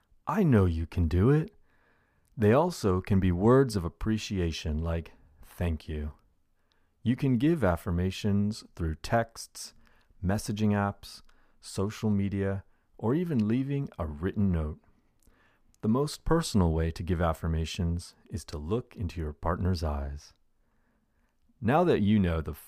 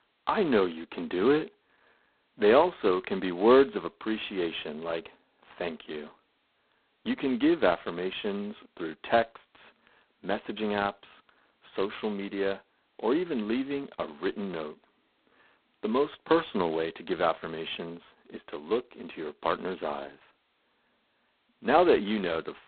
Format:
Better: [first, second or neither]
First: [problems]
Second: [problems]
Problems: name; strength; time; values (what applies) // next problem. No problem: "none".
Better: first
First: none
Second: phone-call audio; poor line; nothing above 4 kHz